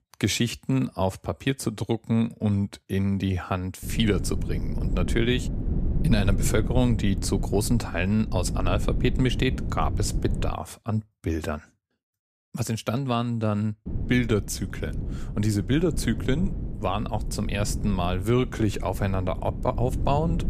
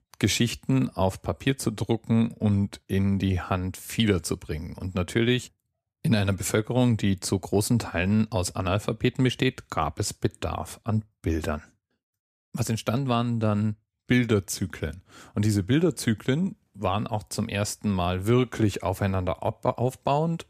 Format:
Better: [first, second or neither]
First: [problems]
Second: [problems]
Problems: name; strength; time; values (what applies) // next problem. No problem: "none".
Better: second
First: low rumble; noticeable; from 4 to 10 s and from 14 s on; 10 dB below the speech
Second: none